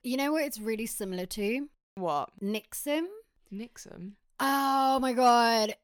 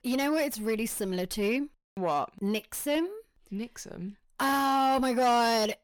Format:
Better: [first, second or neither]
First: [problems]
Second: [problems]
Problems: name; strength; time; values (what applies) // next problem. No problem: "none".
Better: first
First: none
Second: distortion; slight; 10 dB below the speech